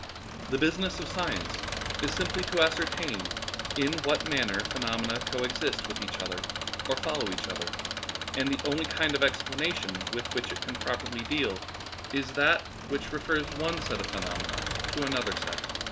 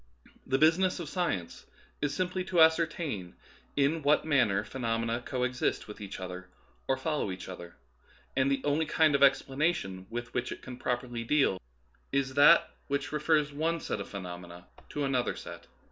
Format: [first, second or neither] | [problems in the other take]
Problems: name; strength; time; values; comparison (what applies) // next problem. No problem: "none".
second | background sound (Engine); 3 dB below the speech